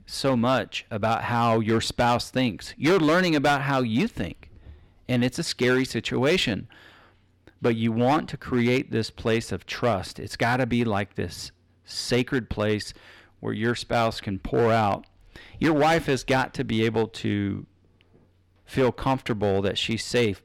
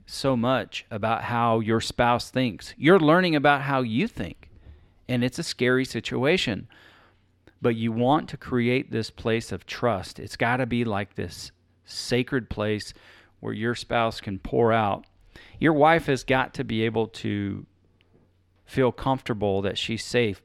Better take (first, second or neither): second